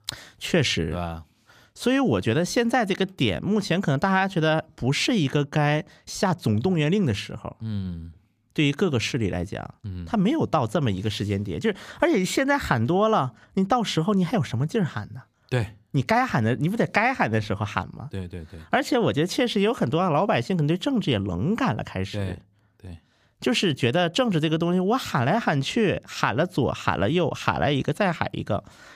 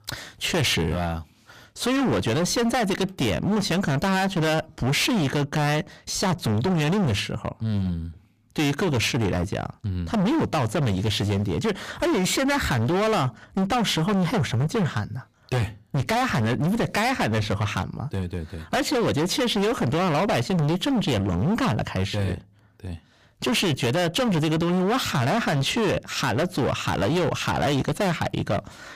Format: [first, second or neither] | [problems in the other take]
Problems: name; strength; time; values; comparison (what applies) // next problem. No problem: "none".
first | distortion; heavy; 27% of the sound clipped